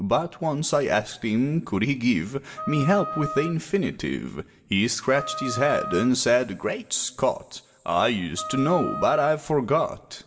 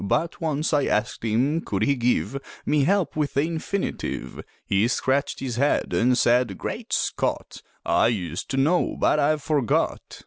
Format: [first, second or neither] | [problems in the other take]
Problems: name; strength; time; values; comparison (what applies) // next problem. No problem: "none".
second | background sound (Wind instrument, woodwind instrument); 10 dB below the speech // room echo; dies away in 0.7 s